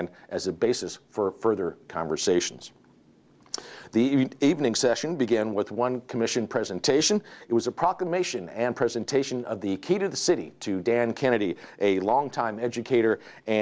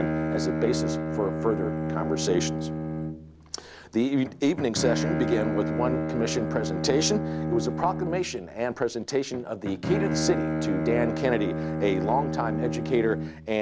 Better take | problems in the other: first | background sound (Bowed string instrument); 1 dB below the speech

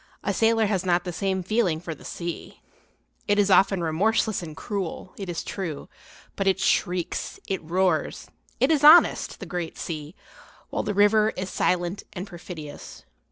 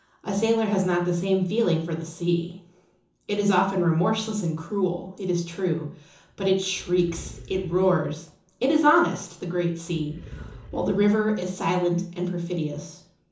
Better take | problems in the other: first | background sound (Animal); 17 dB below the speech // room echo; dies away in 0.7 s

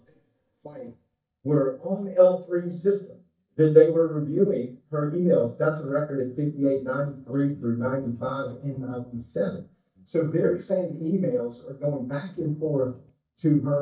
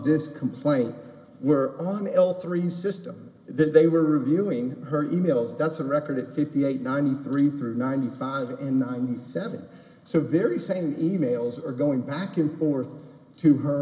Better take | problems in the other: second | noise reduction (neural mask model DeepFilterNet 3)

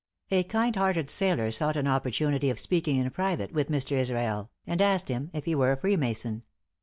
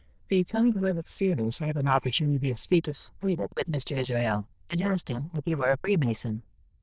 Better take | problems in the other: first | noise reduction (neural diffusion model UNIVERSE++)

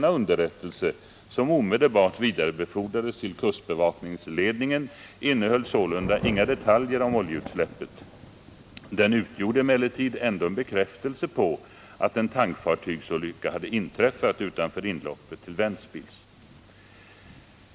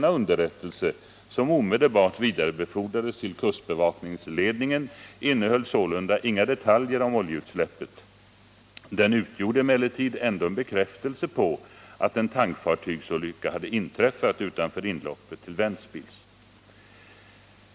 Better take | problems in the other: second | background sound (Thunder / Rain); 18 dB below the speech

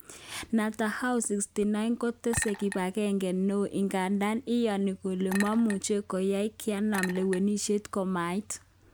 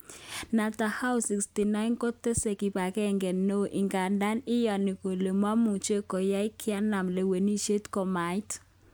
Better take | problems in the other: second | background sound (Chink, clink); 13 dB below the speech

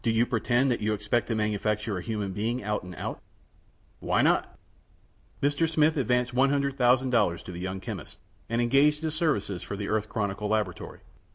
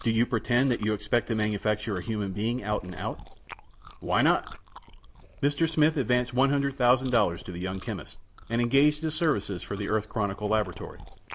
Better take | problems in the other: first | background sound (Chewing, mastication); 18 dB below the speech

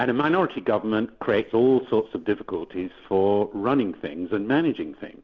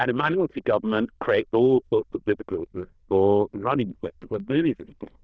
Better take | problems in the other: first | noise reduction (neural diffusion model UNIVERSE++)

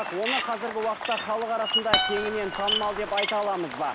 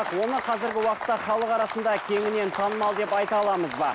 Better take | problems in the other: second | background sound (Acoustic guitar + Bird vocalization, bird call, bird song); 2 dB below the speech

